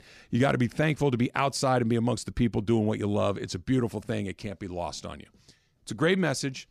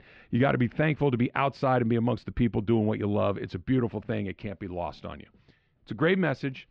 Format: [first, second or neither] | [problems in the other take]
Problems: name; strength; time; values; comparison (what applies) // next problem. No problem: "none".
first | muffled; very; fading above 3 kHz